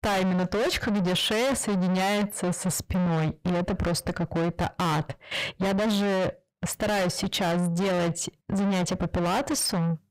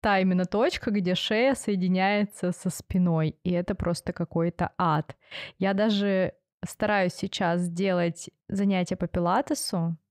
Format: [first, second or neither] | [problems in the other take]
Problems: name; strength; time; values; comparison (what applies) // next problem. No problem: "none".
second | distortion; heavy; 6 dB below the speech